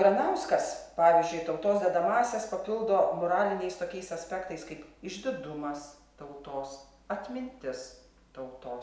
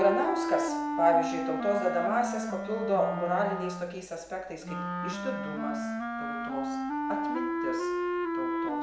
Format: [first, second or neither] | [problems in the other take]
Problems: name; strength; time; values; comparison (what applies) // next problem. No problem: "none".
first | background sound (Wind instrument, woodwind instrument); 1 dB below the speech